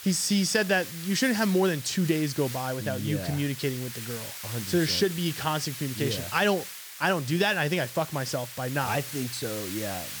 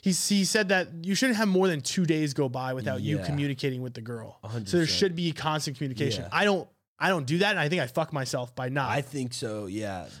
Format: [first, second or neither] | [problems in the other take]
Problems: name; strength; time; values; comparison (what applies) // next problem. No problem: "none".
second | hiss; loud; throughout; 10 dB below the speech